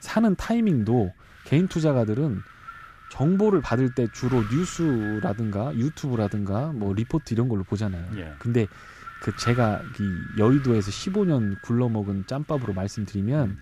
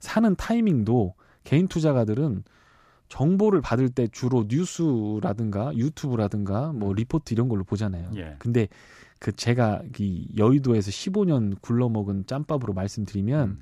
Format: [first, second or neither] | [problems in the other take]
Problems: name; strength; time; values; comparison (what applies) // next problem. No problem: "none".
second | wind noise on the microphone; occasional gusts; 10 dB below the speech